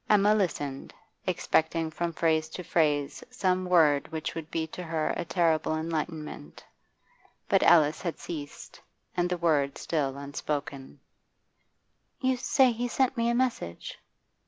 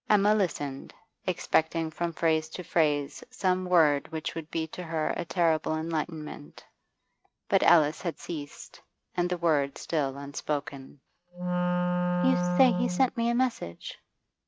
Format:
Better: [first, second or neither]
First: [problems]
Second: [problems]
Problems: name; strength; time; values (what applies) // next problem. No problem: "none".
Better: first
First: none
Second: noise reduction (neural mask model RNNoise)